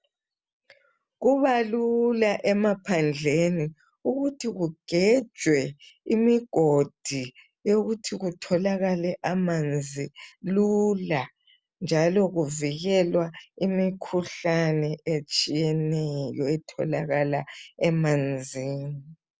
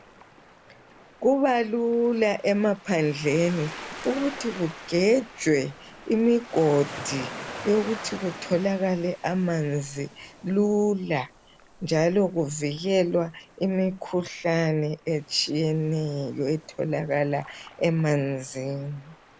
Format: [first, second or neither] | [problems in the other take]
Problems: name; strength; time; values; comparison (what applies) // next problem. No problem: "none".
first | background sound (Waves, surf); 17 dB below the speech